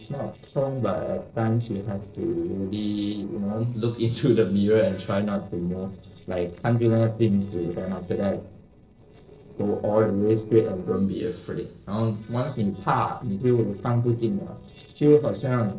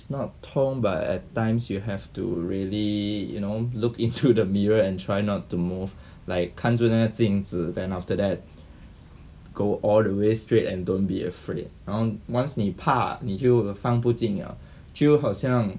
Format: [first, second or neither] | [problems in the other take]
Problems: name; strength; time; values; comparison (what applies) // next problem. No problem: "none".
second | noise reduction (neural separator model SepFormer DNS4)